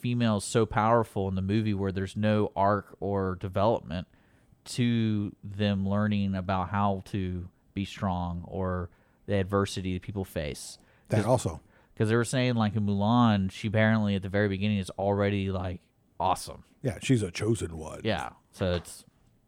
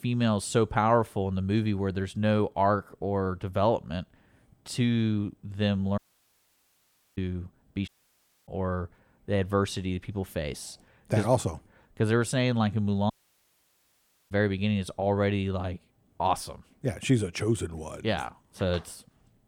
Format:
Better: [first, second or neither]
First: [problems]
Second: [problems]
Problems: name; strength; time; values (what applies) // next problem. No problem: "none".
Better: first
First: none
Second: audio cutting out; at 6 s for 1 s, at 8 s for 0.5 s and at 13 s for 1 s